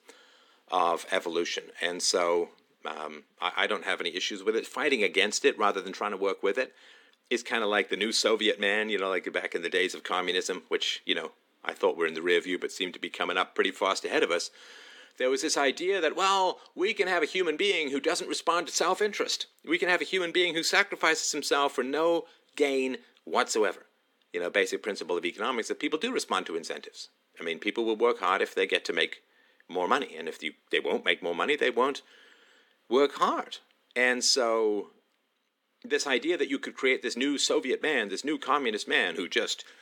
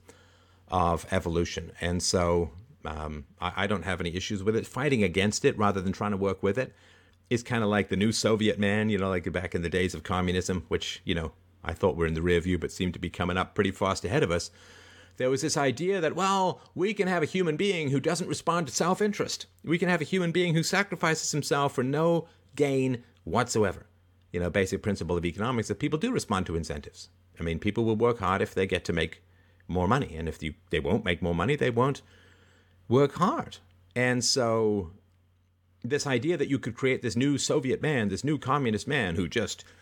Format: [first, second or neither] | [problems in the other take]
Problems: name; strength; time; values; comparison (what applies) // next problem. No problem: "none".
second | thin; somewhat; fading below 300 Hz